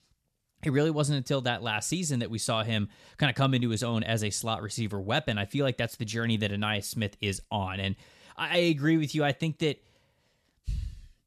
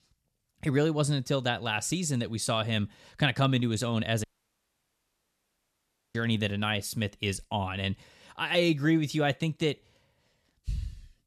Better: first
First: none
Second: audio cutting out; at 4 s for 2 s

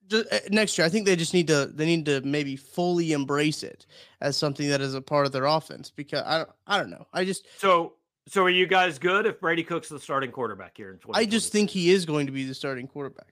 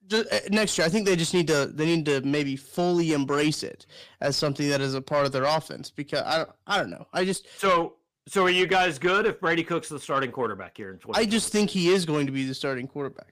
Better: first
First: none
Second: distortion; slight; 10 dB below the speech

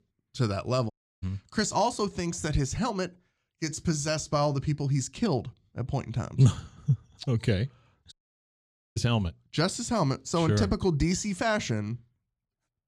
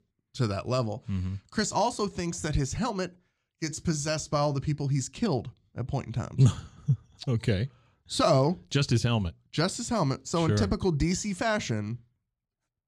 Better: second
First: audio cutting out; at 1 s and at 8 s for 1 s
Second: none

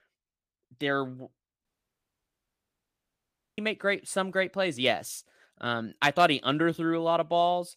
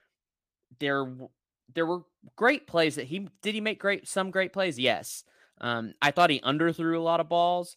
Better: second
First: audio cutting out; at 1.5 s for 2 s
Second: none

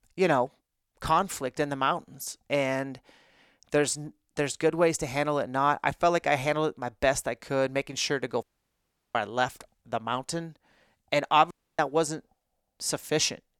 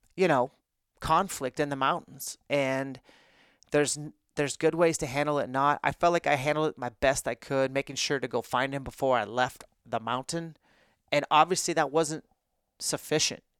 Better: second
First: audio cutting out; at 8.5 s for 0.5 s and at 12 s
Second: none

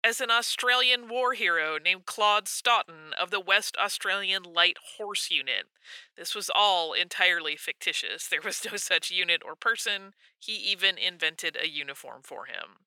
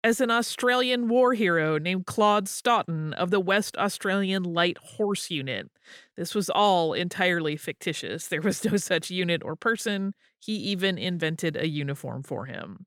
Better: second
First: thin; very; fading below 800 Hz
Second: none

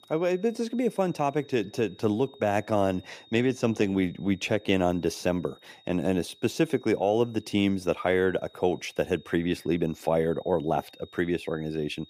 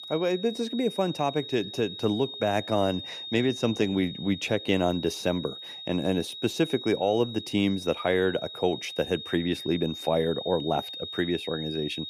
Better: first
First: high-pitched whine; faint; throughout; 3.5 kHz, 25 dB below the speech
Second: high-pitched whine; loud; throughout; 3.5 kHz, 9 dB below the speech

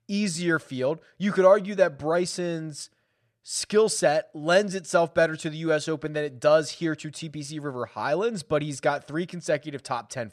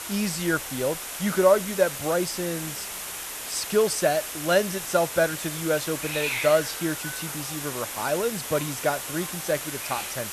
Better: first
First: none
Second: hiss; loud; throughout; 5 dB below the speech

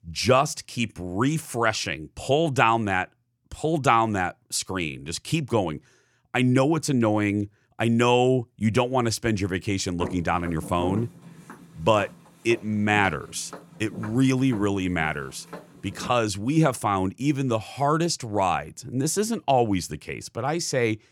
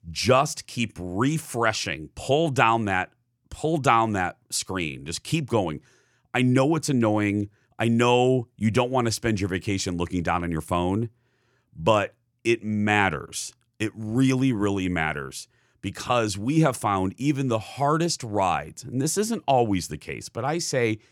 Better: second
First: footsteps; noticeable; from 10 to 16 s; peak 8 dB below the speech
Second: none

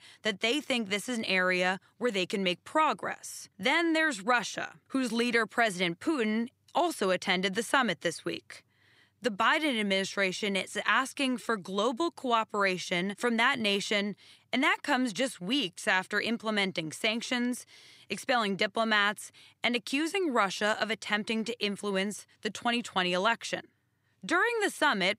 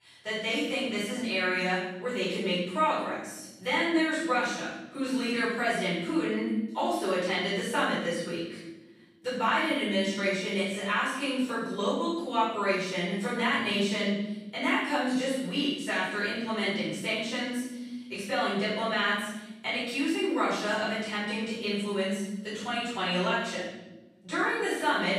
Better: first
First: none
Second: off-mic speech; far // room echo; strong; dies away in 1 s

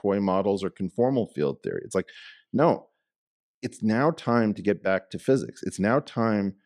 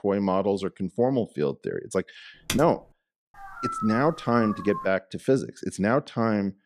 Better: first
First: none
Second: keyboard typing; noticeable; at 2.5 s; peak 6 dB below the speech // dog barking; noticeable; from 3.5 to 5 s; peak 5 dB below the speech

